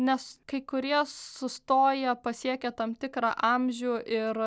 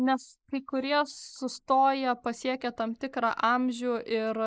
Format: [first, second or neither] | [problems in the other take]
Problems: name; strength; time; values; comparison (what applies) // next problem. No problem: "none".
first | noise reduction (neural mask model Resemble Enhance denoiser)